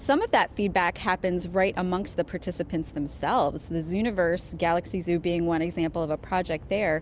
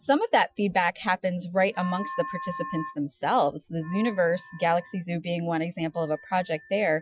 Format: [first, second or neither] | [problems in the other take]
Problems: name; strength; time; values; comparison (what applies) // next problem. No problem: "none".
first | noise reduction (classical method Wiener filter)